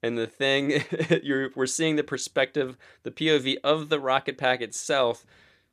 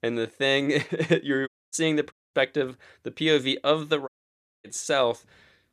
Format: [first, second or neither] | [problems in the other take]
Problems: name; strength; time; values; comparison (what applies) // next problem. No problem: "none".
first | audio cutting out; at 1.5 s, at 2 s and at 4 s for 0.5 s